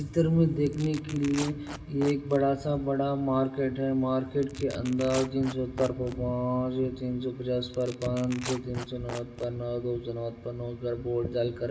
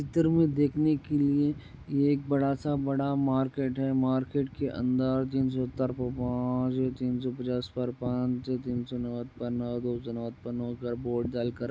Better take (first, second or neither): second